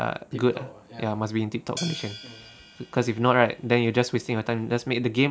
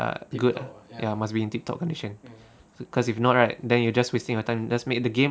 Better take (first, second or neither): second